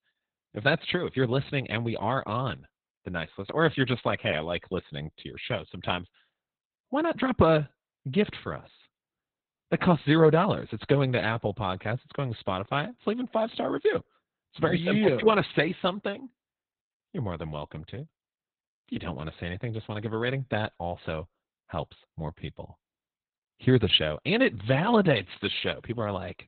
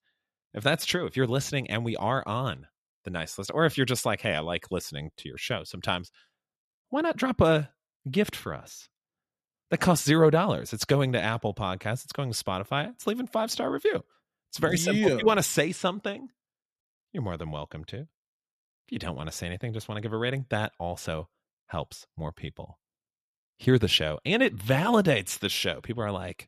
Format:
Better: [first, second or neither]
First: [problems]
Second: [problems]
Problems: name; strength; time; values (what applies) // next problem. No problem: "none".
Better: second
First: garbled, watery; badly; nothing above 4 kHz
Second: none